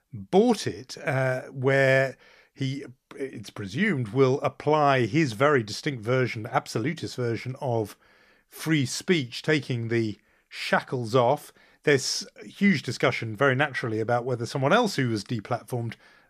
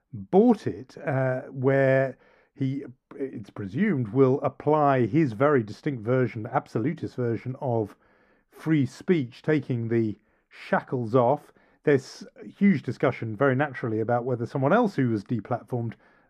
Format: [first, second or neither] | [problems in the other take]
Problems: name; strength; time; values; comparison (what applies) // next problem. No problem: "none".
first | muffled; very; fading above 2 kHz